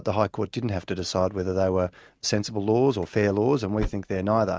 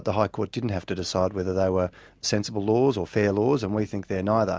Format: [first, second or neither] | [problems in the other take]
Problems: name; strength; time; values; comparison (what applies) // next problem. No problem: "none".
second | noise reduction (neural mask model RNNoise)